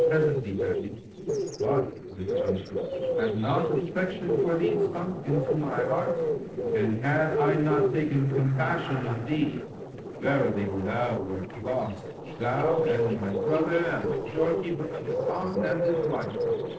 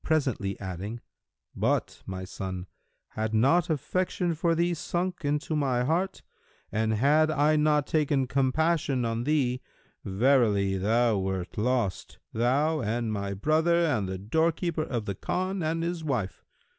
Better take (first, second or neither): second